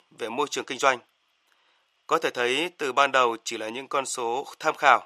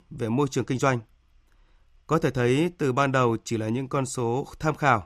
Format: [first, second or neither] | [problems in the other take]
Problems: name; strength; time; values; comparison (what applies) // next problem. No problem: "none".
second | thin; very; fading below 650 Hz